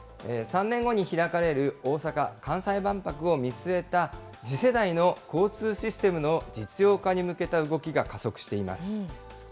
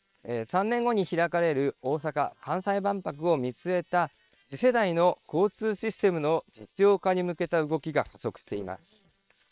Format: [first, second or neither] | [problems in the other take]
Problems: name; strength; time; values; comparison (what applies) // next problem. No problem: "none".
first | noise reduction (neural separator model SepFormer WHAM!)